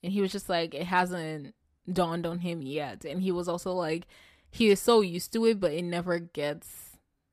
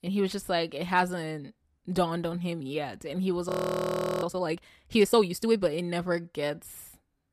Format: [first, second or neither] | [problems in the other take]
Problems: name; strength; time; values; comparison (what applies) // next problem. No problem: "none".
first | audio freezing; at 3.5 s for 0.5 s